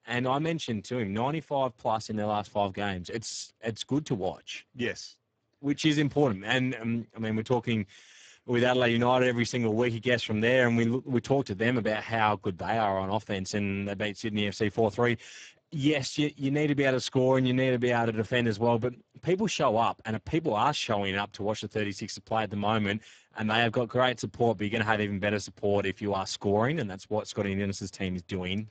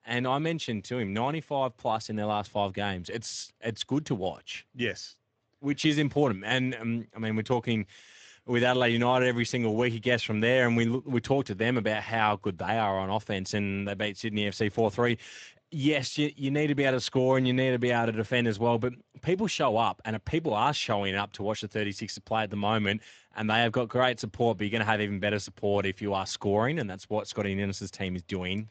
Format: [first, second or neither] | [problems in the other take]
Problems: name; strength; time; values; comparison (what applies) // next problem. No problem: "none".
second | garbled, watery; badly; nothing above 7.5 kHz; slightly in the second